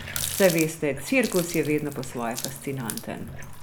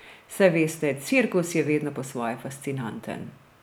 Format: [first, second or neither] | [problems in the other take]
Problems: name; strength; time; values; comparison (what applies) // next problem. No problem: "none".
second | background sound (Water tap, faucet); 9 dB below the speech